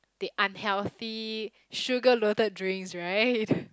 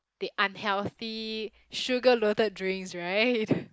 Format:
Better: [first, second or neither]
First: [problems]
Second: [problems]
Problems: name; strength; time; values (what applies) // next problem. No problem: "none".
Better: first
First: none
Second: noise reduction (neural mask model Resemble Enhance denoiser)